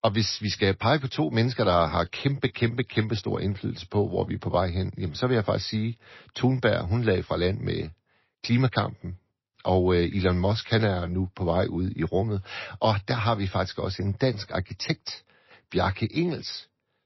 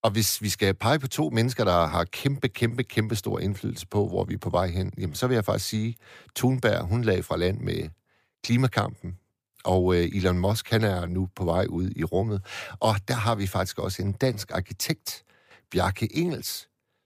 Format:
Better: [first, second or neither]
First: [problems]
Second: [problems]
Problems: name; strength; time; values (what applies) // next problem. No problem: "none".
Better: second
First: garbled, watery; slightly; nothing above 5.5 kHz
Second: none